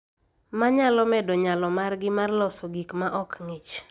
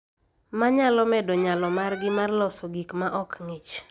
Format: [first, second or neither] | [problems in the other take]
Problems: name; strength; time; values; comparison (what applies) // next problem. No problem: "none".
first | background sound (Alarm); 18 dB below the speech